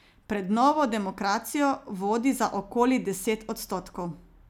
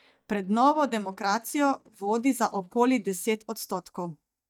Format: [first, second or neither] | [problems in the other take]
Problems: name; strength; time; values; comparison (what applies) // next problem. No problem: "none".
first | noise reduction (neural mask model DeepFilterNet 3)